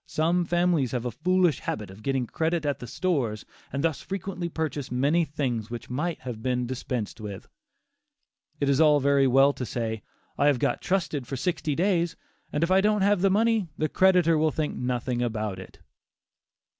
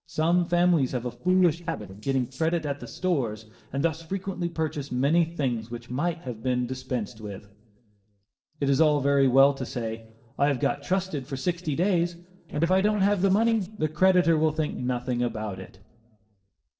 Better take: first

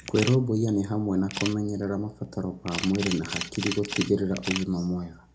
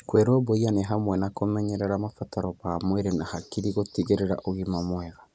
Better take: second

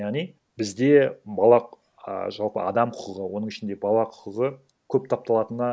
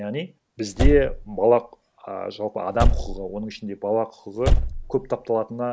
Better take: first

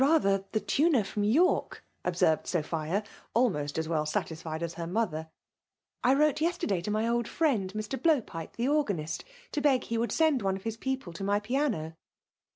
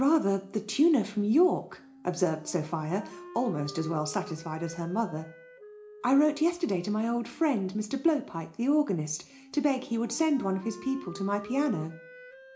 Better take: first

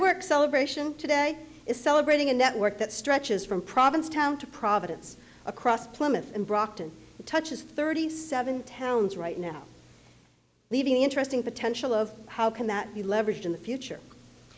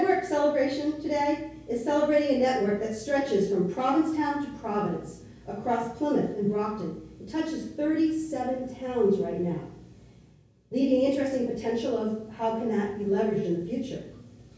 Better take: first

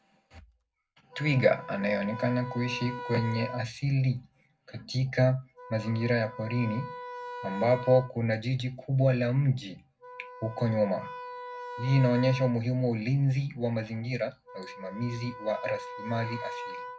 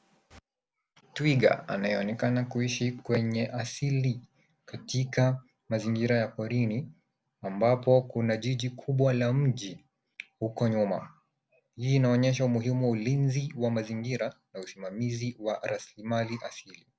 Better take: second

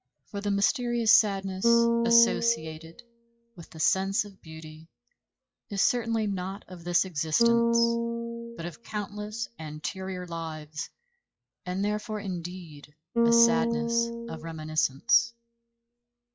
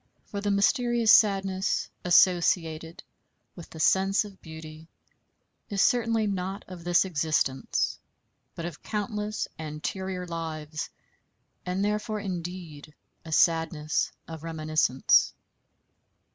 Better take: second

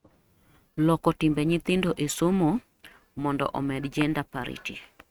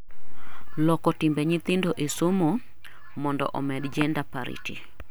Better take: second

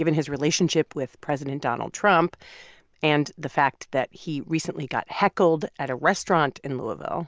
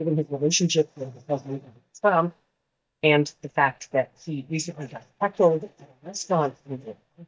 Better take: first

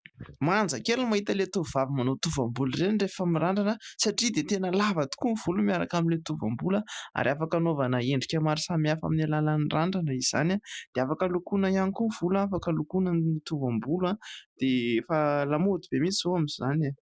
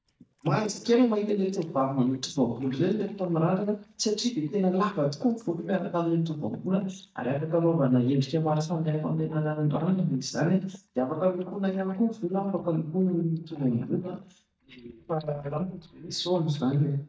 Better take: first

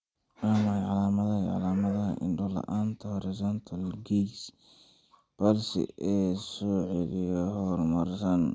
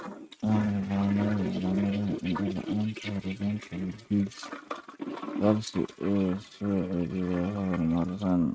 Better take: first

